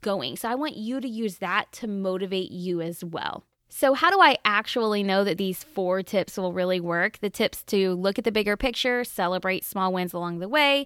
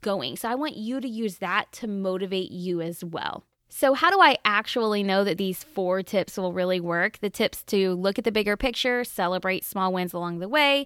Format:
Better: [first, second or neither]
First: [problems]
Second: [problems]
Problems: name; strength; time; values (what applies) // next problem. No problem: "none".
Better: neither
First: none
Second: none